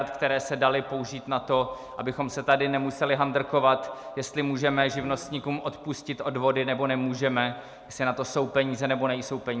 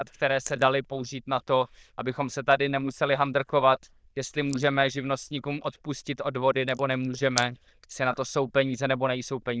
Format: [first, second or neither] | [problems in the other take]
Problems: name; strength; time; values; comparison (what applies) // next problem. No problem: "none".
first | noise reduction (neural diffusion model UNIVERSE++)